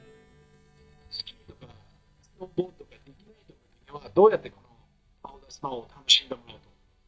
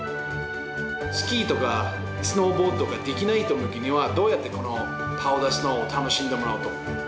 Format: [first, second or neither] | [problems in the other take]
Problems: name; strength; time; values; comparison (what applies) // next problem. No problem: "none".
second | noise reduction (neural mask model DeepFilterNet 3)